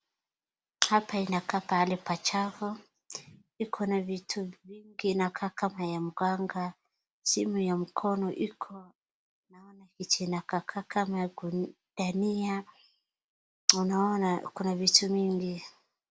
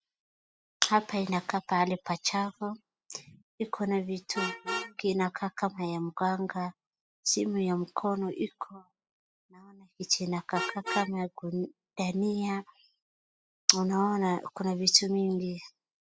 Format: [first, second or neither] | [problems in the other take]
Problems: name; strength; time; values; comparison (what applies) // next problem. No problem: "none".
first | noise reduction (classical method spectral subtraction)